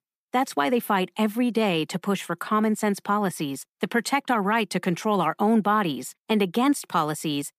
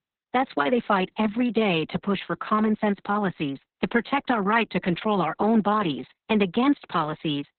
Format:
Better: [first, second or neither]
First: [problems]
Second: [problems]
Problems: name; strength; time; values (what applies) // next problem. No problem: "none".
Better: first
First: none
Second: garbled, watery; badly; nothing above 4 kHz